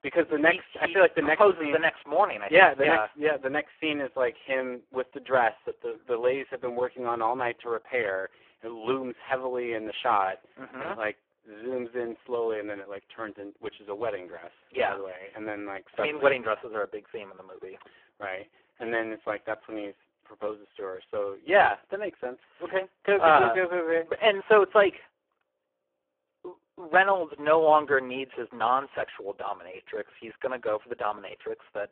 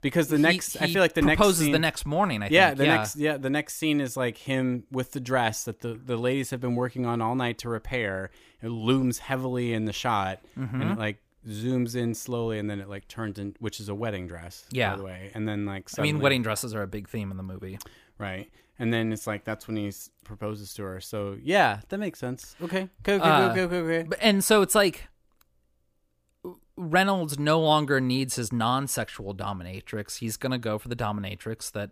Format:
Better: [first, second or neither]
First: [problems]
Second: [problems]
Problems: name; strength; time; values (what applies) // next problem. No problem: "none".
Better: second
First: phone-call audio; poor line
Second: none